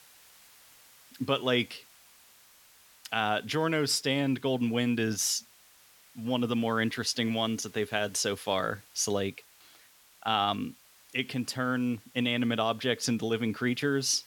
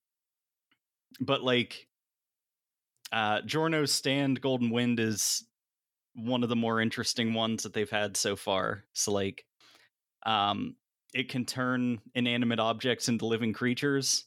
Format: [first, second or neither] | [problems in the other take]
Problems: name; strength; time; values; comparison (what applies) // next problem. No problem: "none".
second | hiss; faint; throughout; 25 dB below the speech